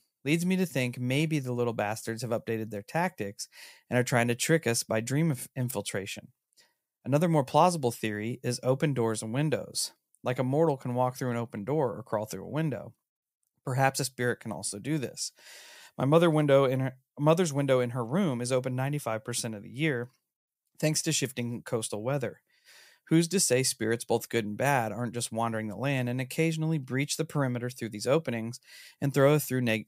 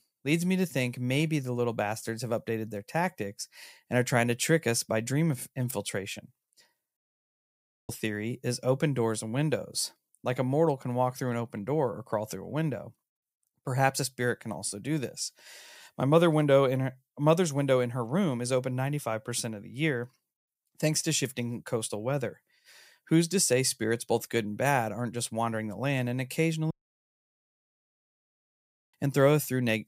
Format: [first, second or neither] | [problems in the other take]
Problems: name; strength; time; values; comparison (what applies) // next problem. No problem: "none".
first | audio cutting out; at 7 s for 1 s and at 27 s for 2 s